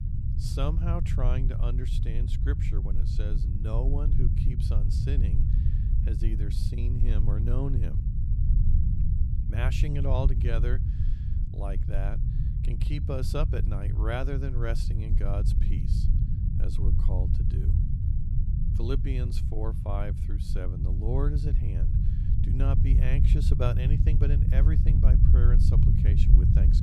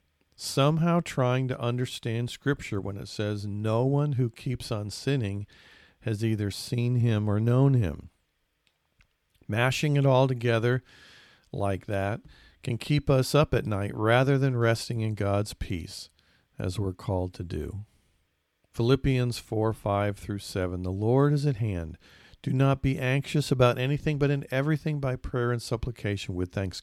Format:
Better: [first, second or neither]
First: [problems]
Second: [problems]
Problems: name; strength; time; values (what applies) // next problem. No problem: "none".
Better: second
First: low rumble; loud; throughout; 3 dB below the speech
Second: none